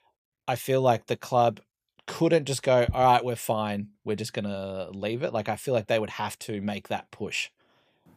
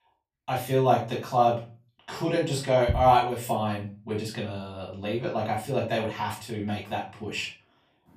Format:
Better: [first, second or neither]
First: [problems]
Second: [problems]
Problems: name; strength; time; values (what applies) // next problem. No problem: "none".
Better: first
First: none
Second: off-mic speech; far // room echo; slight; dies away in 0.3 s